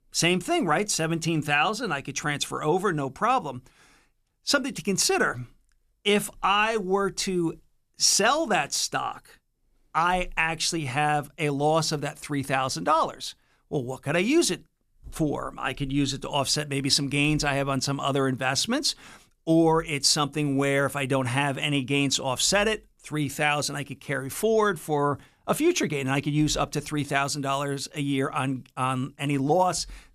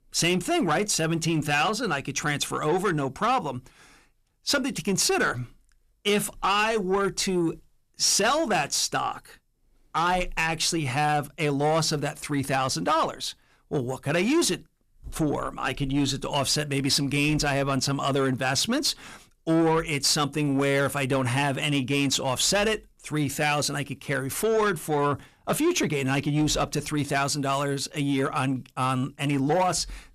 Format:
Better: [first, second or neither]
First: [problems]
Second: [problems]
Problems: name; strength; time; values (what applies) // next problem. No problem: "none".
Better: first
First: none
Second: distortion; slight; 10 dB below the speech